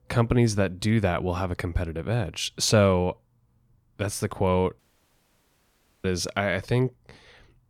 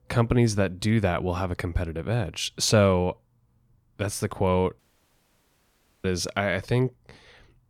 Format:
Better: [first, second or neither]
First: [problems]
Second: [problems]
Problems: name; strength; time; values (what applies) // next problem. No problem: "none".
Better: neither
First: audio cutting out; at 5 s for 1.5 s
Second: audio cutting out; at 5 s for 1.5 s